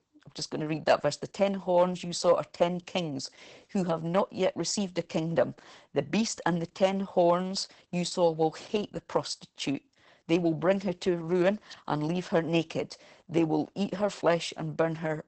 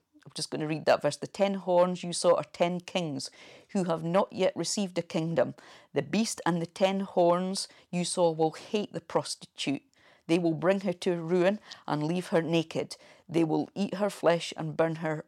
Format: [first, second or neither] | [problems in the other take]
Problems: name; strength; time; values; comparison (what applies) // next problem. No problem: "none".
second | garbled, watery; badly; nothing above 8 kHz